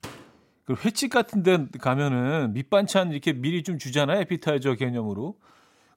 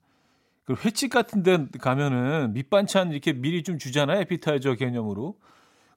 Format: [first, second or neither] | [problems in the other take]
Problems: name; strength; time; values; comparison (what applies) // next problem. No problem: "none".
second | door banging; faint; at the start; peak 15 dB below the speech